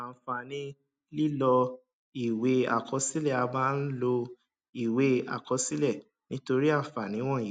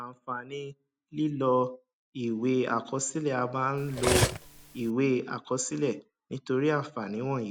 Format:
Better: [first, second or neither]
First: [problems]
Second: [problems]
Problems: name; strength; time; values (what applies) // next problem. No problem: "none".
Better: first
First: none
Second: background sound (Cutlery, silverware); as loud as the speech